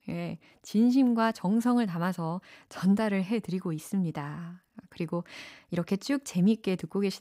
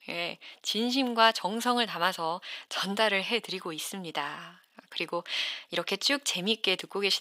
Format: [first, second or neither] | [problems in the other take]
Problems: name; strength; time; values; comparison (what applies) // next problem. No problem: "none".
first | thin; very; fading below 550 Hz